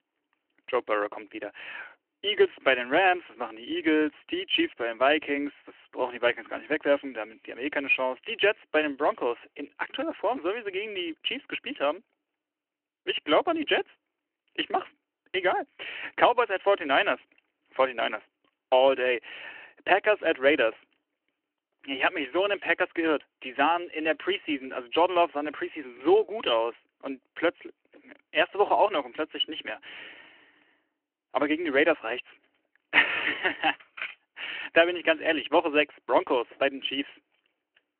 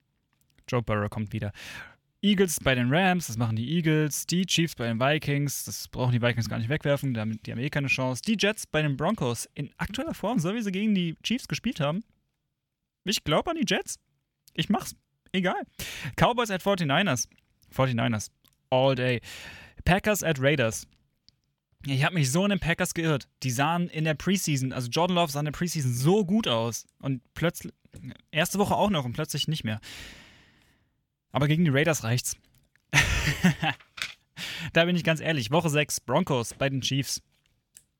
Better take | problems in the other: second | phone-call audio; nothing above 3 kHz

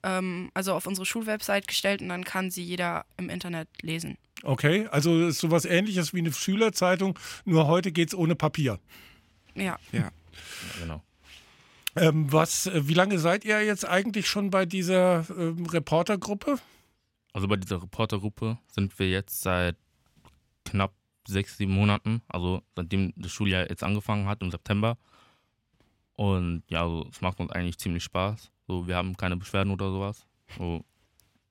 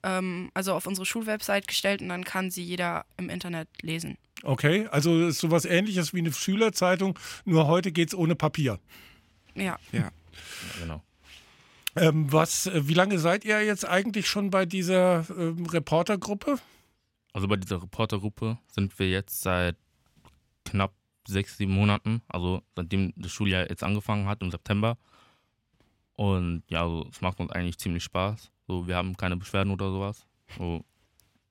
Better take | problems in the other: neither | none

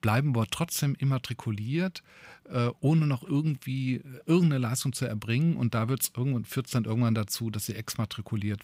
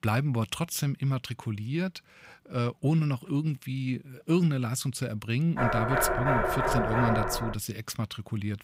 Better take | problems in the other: first | door banging; loud; from 5.5 to 7.5 s; peak 3 dB above the speech

